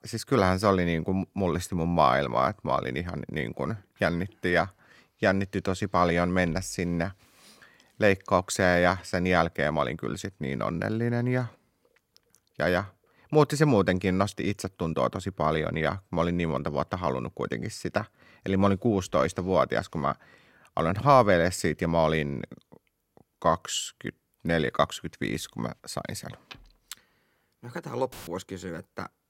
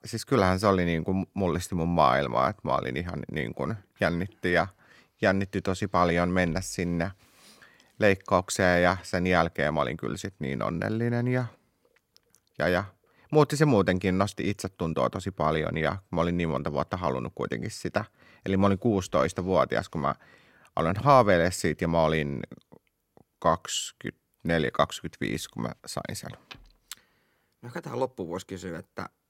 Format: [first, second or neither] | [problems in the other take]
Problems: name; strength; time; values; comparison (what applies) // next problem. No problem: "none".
second | audio cutting out; filled with static; at 28 s